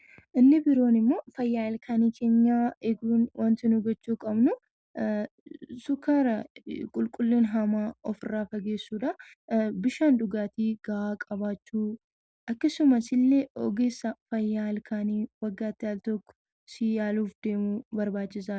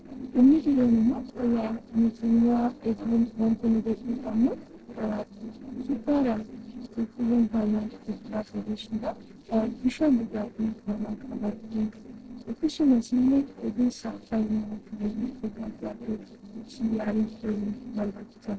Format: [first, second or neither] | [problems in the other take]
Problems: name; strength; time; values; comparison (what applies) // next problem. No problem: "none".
first | noise reduction (neural separator model SepFormer DNS4)